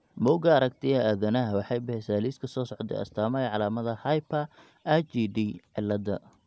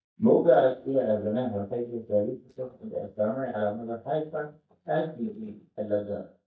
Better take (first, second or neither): first